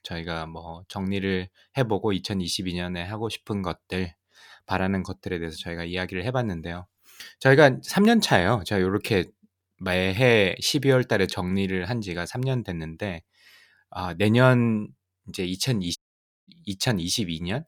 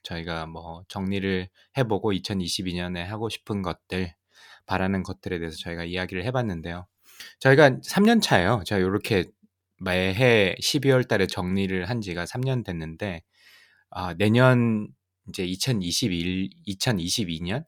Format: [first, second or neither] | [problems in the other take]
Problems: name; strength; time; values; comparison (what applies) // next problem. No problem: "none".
second | audio cutting out; at 16 s for 0.5 s